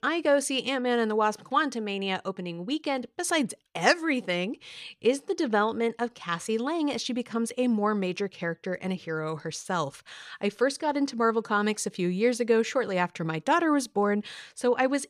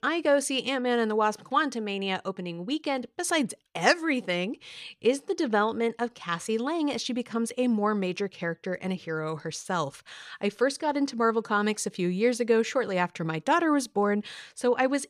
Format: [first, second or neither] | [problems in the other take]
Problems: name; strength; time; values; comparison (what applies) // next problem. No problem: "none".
neither | none